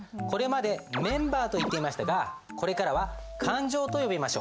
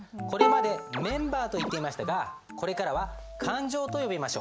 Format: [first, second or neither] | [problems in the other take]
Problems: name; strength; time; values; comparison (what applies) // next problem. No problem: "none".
first | background sound (Bowed string instrument); as loud as the speech